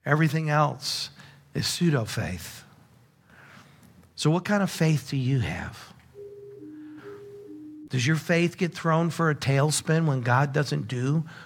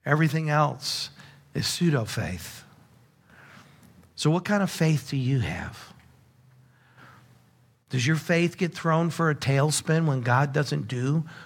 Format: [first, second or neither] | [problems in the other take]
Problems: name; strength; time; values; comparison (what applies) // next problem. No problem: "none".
second | siren; faint; from 6 to 8 s; peak 20 dB below the speech